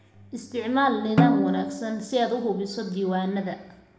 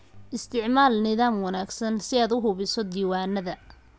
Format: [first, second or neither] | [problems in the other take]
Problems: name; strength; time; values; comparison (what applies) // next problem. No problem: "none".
second | background sound (Snare drum); 1 dB below the speech // room echo; dies away in 0.8 s